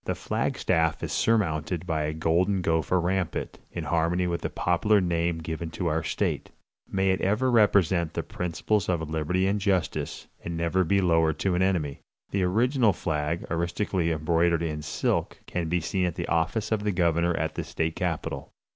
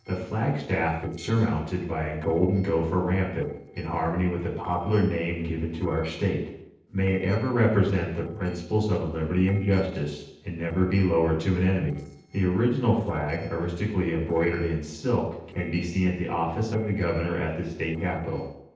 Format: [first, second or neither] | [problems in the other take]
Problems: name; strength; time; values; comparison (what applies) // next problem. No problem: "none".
first | noise reduction (neural separator model SepFormer DNS4)